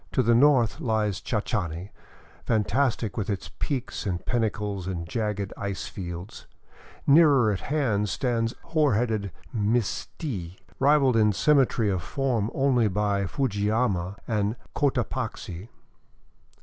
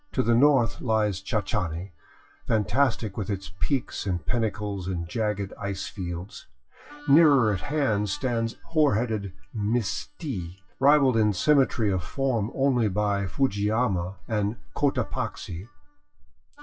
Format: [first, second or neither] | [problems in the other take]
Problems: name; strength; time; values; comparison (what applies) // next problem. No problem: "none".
first | noise reduction (classical method WPE with log-MMSE)